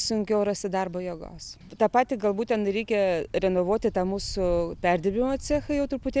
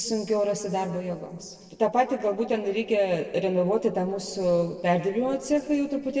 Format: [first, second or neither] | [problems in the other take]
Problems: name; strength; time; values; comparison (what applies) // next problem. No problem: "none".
first | noise reduction (neural separator model SepFormer DNS4)